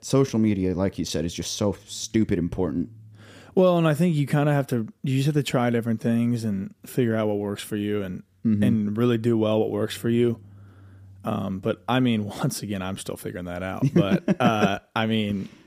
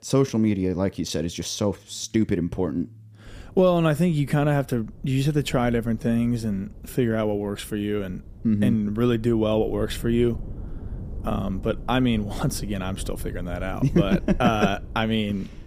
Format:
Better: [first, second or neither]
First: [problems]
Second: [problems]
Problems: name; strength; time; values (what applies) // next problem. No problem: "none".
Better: first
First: none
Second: low rumble; faint; from 3.5 s on; 25 dB below the speech